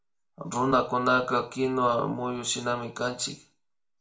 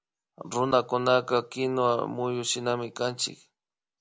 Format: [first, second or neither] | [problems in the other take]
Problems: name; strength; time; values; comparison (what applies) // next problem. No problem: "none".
second | room echo; dies away in 0.4 s